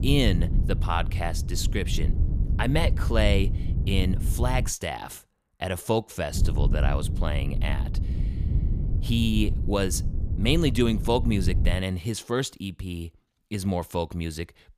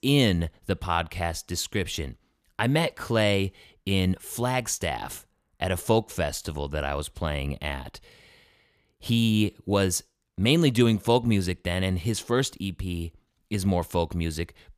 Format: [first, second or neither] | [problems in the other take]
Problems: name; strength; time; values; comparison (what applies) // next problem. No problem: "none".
second | wind noise on the microphone; occasional gusts; until 4.5 s and from 6.5 to 12 s; 15 dB below the speech